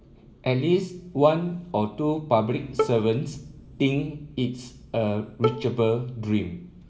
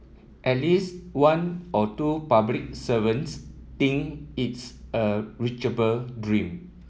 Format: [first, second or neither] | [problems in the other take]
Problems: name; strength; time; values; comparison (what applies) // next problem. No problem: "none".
second | background sound (Bowed string instrument); 7 dB below the speech // room echo; dies away in 0.9 s